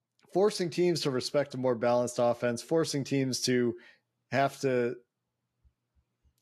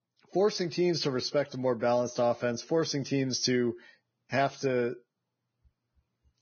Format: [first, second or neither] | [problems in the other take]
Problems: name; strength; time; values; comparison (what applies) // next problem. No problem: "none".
first | garbled, watery; badly; nothing above 6.5 kHz; slightly in the first